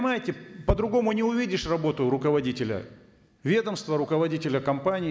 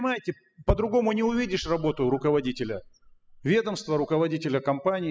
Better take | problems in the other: first | noise reduction (classical method spectral subtraction)

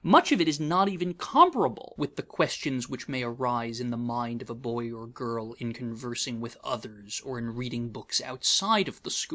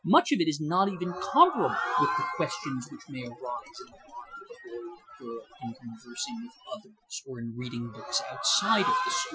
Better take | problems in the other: first | noise reduction (classical method Wiener filter)

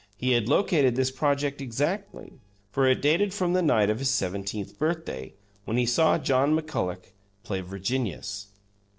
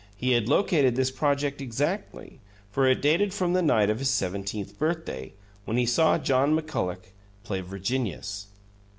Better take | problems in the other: second | noise reduction (neural separator model SepFormer DNS4)

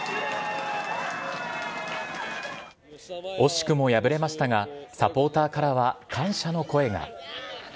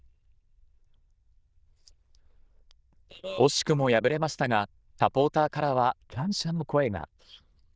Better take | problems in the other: first | noise reduction (neural diffusion model UNIVERSE++)

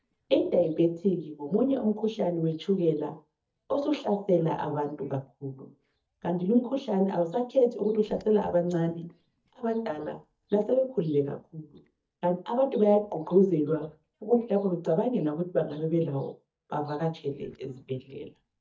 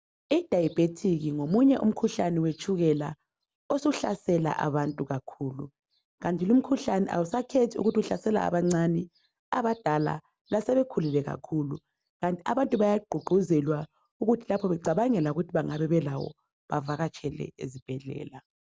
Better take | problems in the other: second | noise reduction (neural mask model DeepFilterNet 3)

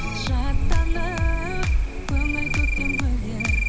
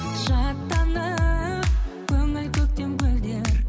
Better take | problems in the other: second | background sound (Cricket); as loud as the speech

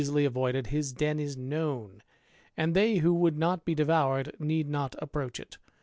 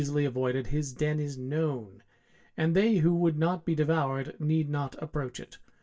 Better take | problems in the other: first | room echo; dies away in 0.1 s

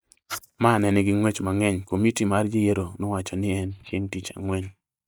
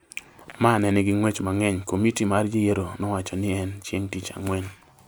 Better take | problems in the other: second | noise reduction (neural mask model DeepFilterNet 3)

